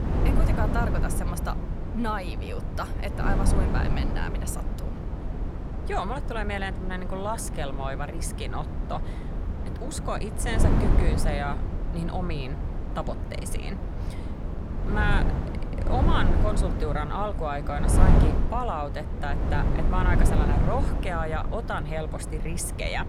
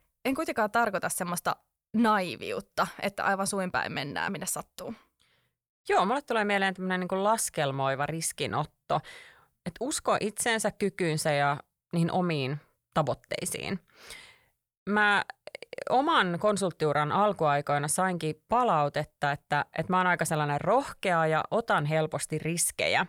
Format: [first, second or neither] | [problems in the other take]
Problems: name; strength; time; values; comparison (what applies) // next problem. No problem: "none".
second | wind noise on the microphone; heavy; 5 dB below the speech